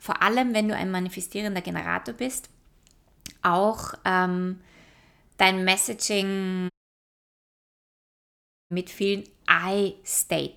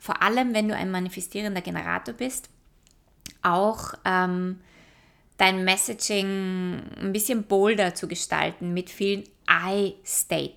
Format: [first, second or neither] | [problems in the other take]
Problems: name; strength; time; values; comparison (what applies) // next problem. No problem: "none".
second | audio cutting out; at 6.5 s for 2 s